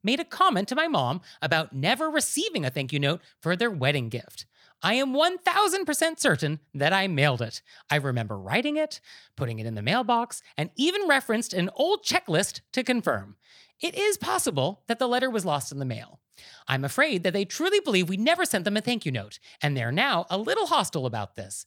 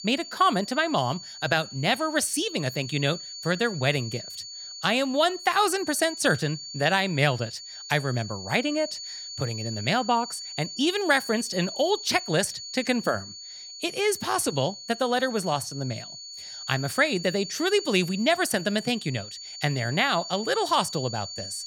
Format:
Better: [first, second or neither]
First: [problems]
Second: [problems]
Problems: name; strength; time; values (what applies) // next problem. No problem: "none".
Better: first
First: none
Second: high-pitched whine; noticeable; throughout; 4.5 kHz, 10 dB below the speech